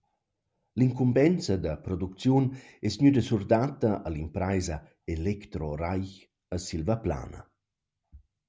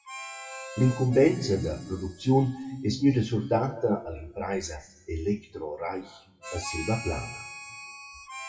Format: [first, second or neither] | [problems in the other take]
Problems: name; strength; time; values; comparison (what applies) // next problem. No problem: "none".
first | noise reduction (classical method WPE with log-MMSE)